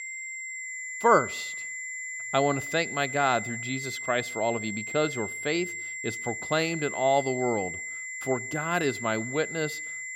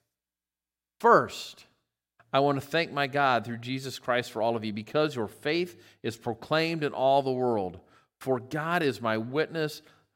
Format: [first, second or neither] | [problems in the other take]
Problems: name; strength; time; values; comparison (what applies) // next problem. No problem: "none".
second | high-pitched whine; loud; throughout; 2 kHz, 6 dB below the speech